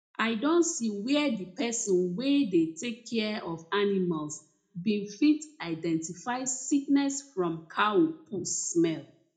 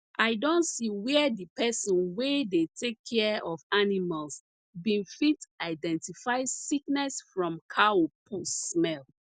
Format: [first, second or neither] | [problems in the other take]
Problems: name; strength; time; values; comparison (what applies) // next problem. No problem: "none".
second | room echo; dies away in 0.3 s